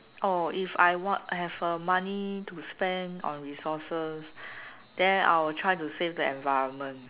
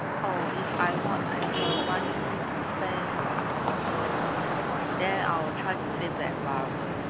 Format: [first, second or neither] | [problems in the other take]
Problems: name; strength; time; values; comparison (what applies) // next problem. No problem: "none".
first | background sound (Traffic noise, roadway noise / Vehicle horn, car horn, honking); 5 dB above the speech